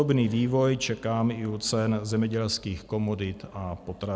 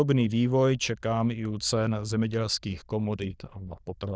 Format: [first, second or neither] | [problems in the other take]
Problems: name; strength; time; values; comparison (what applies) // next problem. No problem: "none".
first | noise reduction (neural diffusion model UNIVERSE++)